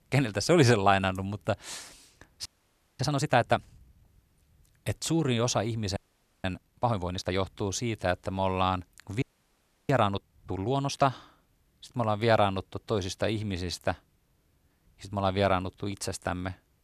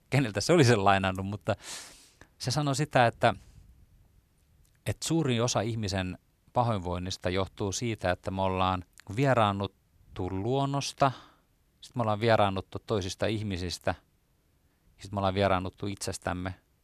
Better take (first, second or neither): second